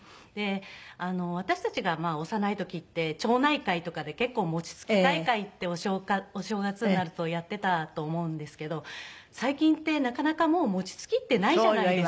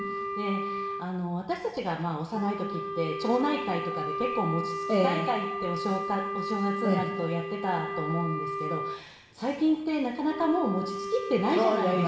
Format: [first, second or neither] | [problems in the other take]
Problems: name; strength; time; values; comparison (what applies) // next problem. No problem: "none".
first | background sound (Wind instrument, woodwind instrument); 5 dB below the speech // room echo; dies away in 0.9 s